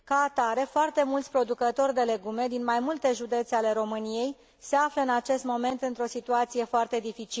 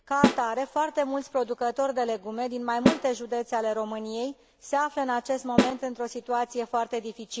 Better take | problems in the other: first | background sound (Snare drum); 1 dB below the speech

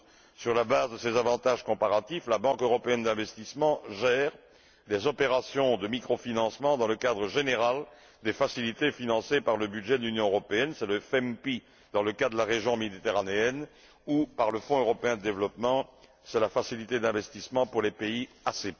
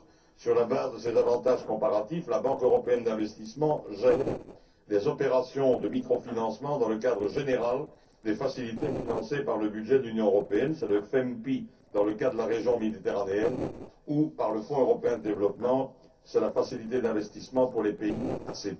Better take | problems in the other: first | noise reduction (neural separator model SepFormer DNS4)

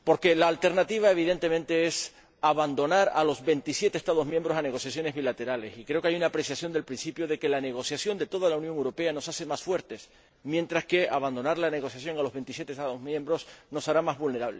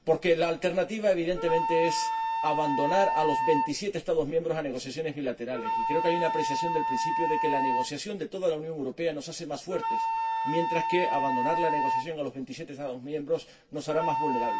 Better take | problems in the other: first | background sound (Wind instrument, woodwind instrument); 1 dB below the speech // room echo; dies away in 0.2 s

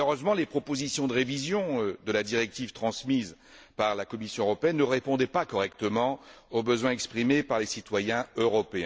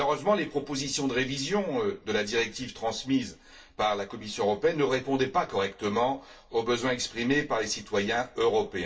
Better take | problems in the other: first | room echo; dies away in 0.2 s

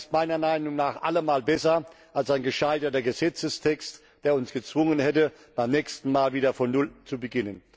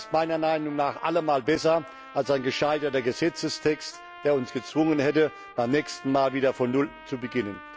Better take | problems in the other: first | background sound (Trumpet); 18 dB below the speech

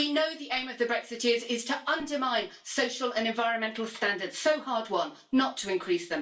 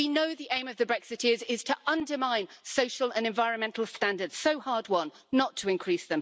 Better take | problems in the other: second | room echo; dies away in 0.3 s

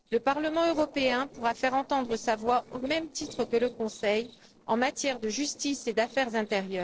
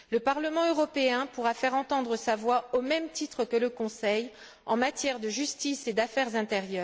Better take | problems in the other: second | noise reduction (neural separator model SepFormer DNS4)

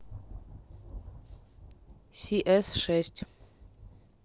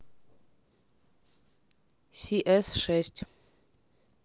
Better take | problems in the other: second | background sound (Thunder); 15 dB below the speech

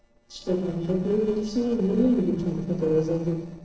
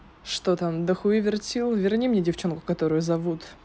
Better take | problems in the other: second | noise reduction (neural separator model SepFormer DNS4)

